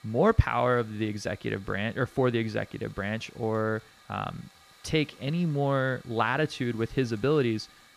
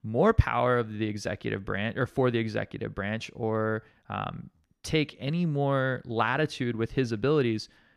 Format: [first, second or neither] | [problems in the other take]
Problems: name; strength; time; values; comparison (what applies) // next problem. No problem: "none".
second | hiss; faint; throughout; 25 dB below the speech